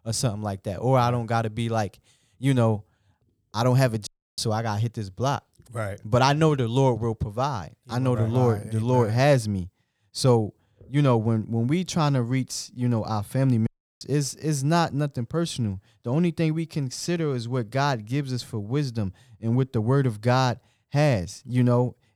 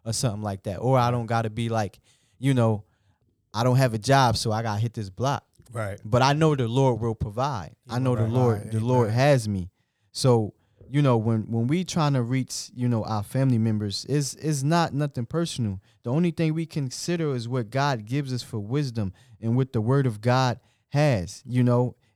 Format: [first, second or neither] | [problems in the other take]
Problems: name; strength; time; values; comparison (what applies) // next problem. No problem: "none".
second | audio cutting out; at 4 s and at 14 s